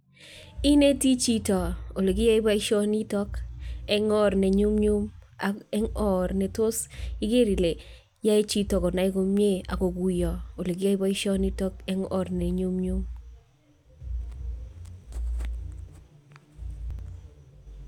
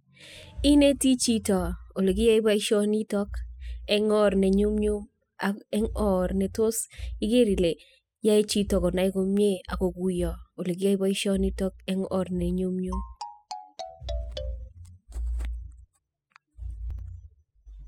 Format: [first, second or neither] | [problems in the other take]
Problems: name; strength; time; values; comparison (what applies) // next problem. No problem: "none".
first | noise reduction (classical method spectral subtraction)